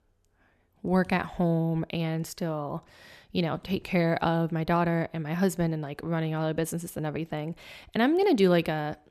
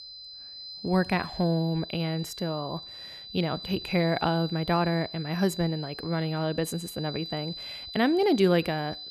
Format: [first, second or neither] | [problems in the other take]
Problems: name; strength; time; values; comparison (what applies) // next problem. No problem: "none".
first | high-pitched whine; noticeable; throughout; 4 kHz, 10 dB below the speech